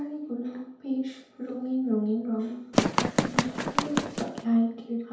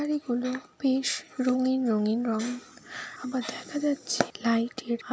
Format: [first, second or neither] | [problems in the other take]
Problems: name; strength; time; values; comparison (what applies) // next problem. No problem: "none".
second | background sound (Run); 3 dB above the speech // room echo; dies away in 2.2 s